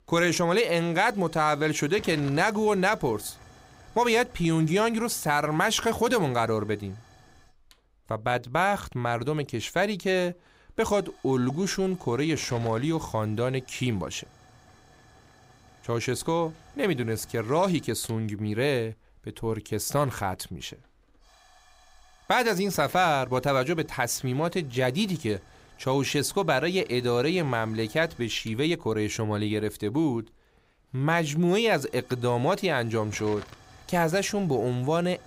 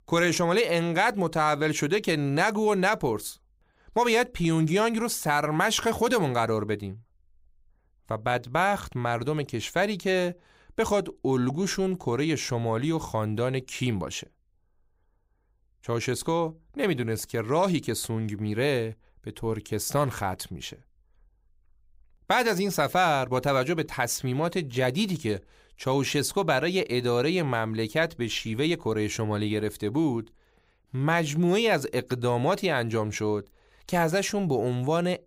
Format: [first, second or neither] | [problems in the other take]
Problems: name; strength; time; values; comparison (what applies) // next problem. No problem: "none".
second | hiss; faint; throughout; 25 dB below the speech